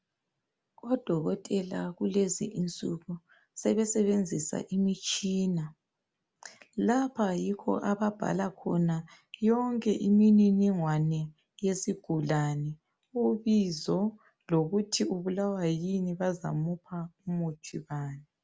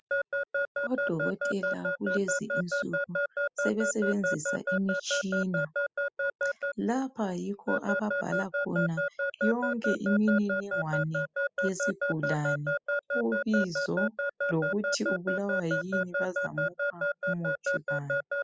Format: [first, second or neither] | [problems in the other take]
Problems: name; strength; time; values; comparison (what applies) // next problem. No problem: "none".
first | noise reduction (classical method spectral subtraction)